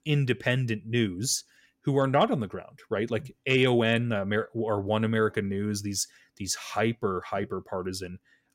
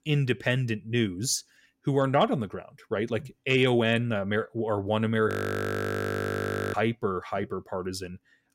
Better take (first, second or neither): first